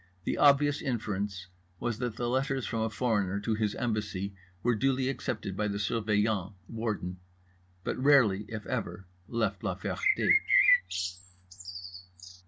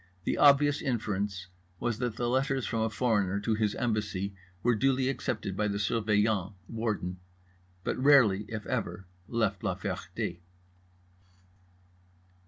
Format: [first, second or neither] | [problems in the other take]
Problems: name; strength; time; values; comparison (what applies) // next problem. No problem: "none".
second | background sound (Bird); as loud as the speech